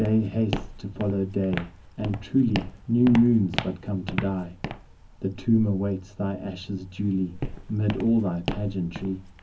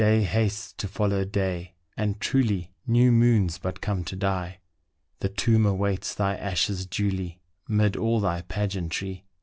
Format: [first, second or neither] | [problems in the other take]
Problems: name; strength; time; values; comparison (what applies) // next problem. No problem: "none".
second | background sound (Walk, footsteps); 10 dB below the speech // room echo; dies away in 0.4 s